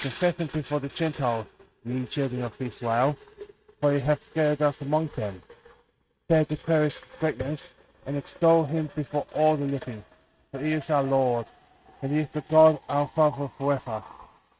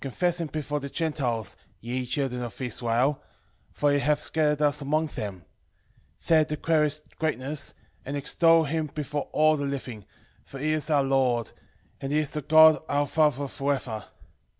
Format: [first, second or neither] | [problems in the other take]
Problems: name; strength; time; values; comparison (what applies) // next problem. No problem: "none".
second | noise reduction (neural mask model RNNoise)